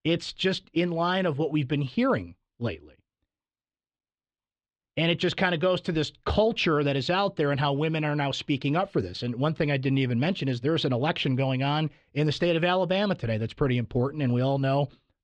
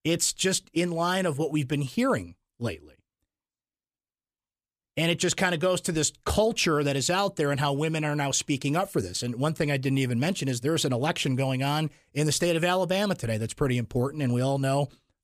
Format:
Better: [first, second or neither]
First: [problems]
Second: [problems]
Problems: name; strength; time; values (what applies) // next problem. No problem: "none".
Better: second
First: muffled; slightly; fading above 4 kHz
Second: none